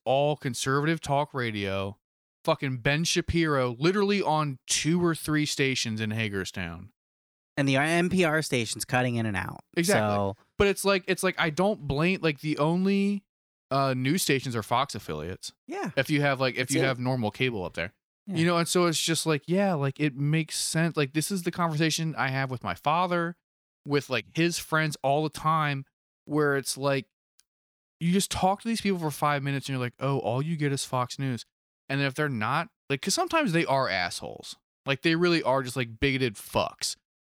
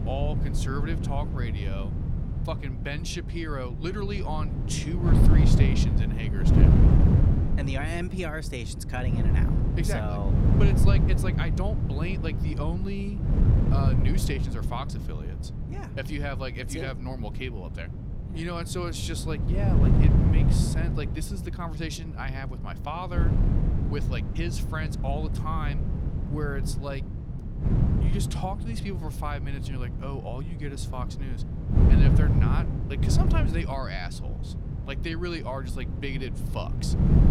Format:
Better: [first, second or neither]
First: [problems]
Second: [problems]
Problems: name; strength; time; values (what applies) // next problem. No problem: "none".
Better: first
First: none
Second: wind noise on the microphone; heavy; 2 dB below the speech